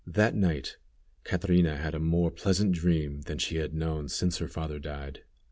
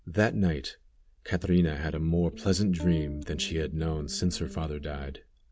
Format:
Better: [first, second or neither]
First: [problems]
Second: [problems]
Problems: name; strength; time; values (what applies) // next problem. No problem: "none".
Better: first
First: none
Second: background sound (Electric guitar); 15 dB below the speech